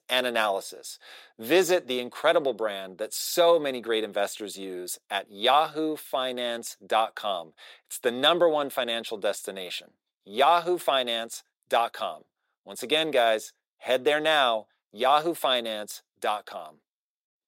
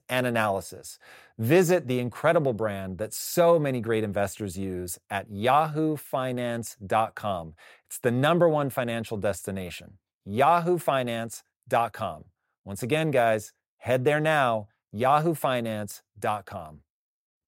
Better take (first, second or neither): second